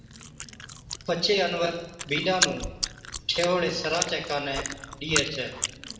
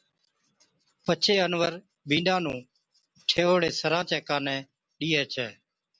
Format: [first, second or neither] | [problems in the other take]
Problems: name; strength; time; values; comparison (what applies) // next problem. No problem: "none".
second | background sound (Chewing, mastication); 5 dB below the speech // room echo; dies away in 0.9 s